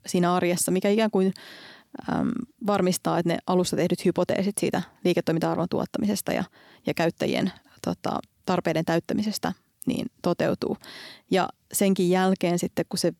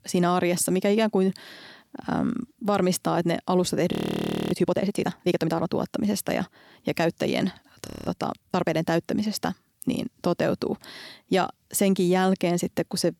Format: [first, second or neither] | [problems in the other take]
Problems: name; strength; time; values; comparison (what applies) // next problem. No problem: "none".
first | audio freezing; at 4 s for 0.5 s and at 8 s